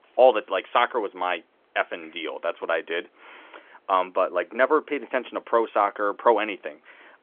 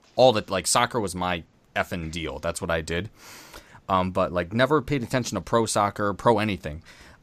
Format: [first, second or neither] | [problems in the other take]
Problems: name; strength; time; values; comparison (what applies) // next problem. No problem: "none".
second | phone-call audio; nothing above 3.5 kHz